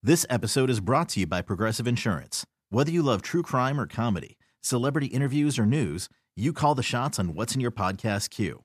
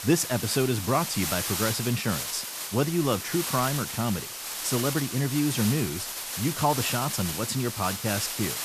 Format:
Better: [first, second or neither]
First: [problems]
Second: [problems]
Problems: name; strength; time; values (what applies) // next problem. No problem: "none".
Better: first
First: none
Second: hiss; loud; throughout; 3 dB below the speech